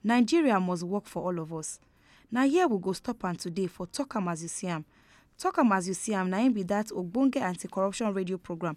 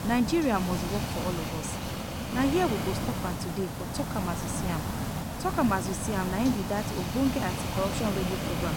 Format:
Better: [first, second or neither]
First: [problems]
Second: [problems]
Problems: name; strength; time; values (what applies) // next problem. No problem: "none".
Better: first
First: none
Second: hiss; loud; throughout; 2 dB below the speech